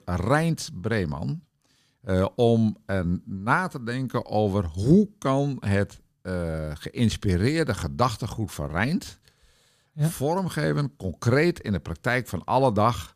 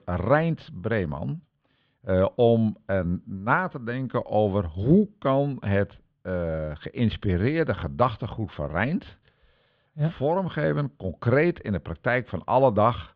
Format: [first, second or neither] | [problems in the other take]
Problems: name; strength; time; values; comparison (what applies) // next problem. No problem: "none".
first | muffled; very; fading above 3.5 kHz